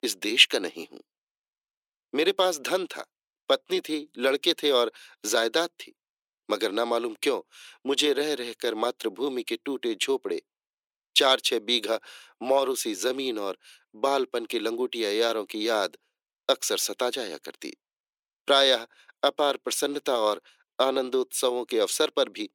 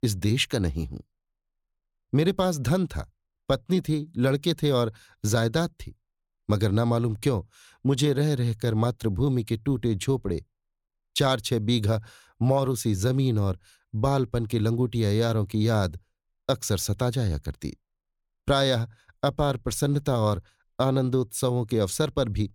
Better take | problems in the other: second | thin; very; fading below 300 Hz

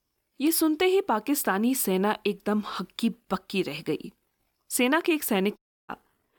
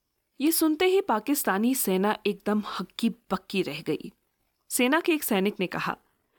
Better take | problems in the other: second | audio cutting out; at 5.5 s

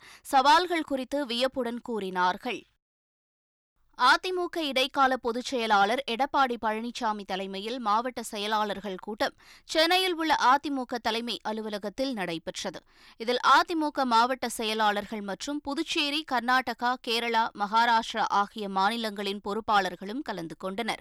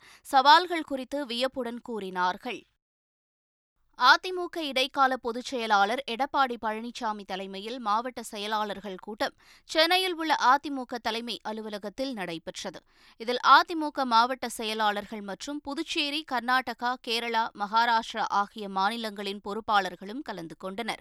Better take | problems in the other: second | distortion; slight; 10 dB below the speech

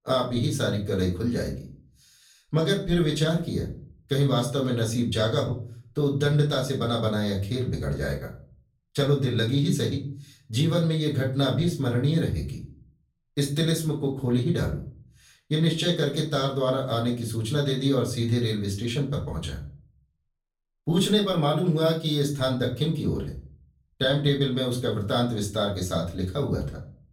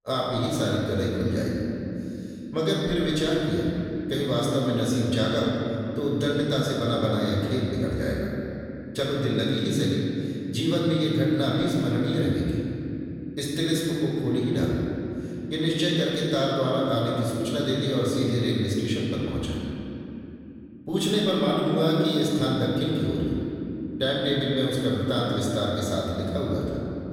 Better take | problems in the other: first | room echo; strong; dies away in 3 s; slight in the first // off-mic speech; far; far in the first

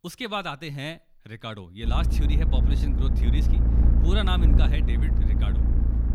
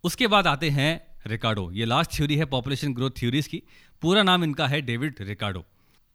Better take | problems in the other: second | low rumble; loud; from 2 s on; 5 dB below the speech

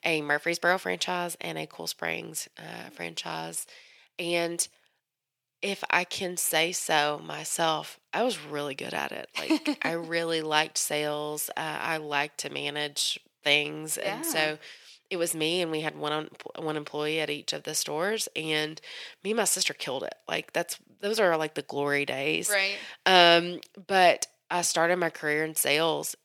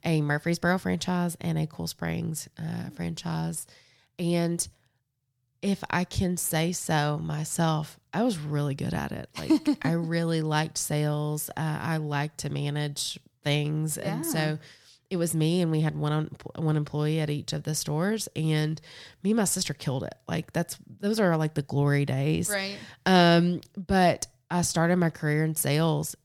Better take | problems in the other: second | thin; very; fading below 450 Hz

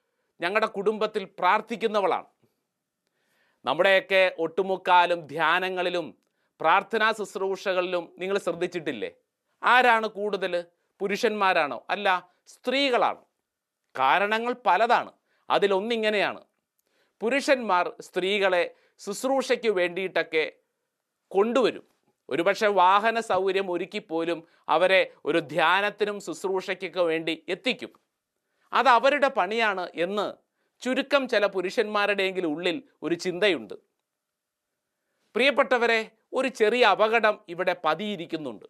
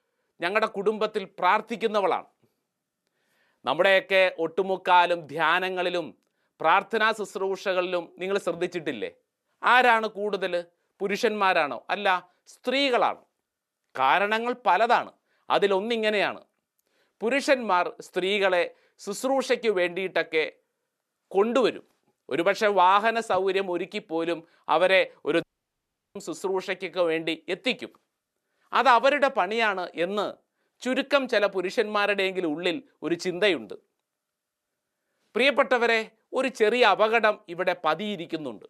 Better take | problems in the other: first | audio cutting out; at 25 s for 0.5 s

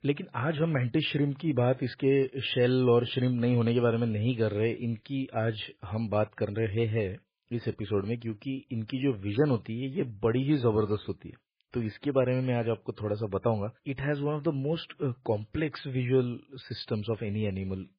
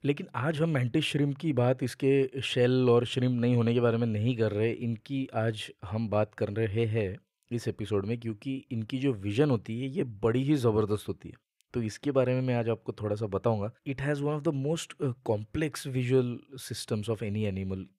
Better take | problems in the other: second | garbled, watery; badly; nothing above 4 kHz

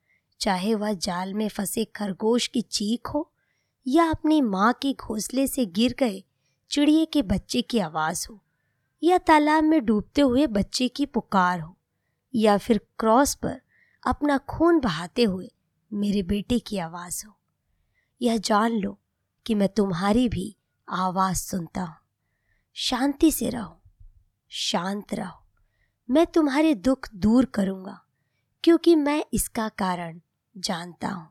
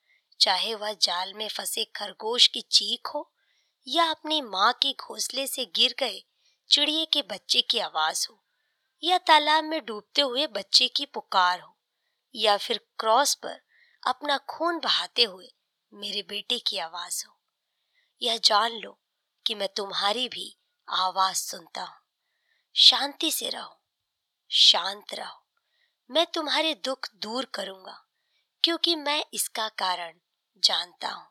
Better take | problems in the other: first | thin; very; fading below 750 Hz

